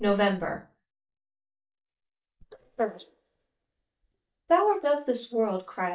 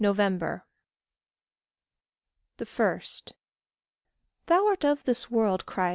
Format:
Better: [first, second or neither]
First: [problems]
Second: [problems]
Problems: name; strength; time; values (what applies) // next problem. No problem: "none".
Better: second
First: noise reduction (neural mask model DeepFilterNet 3)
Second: none